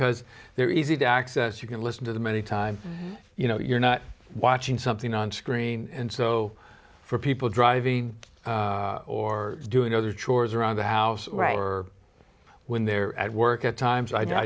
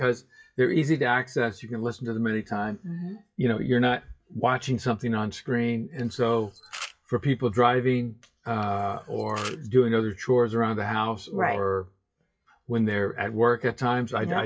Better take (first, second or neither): first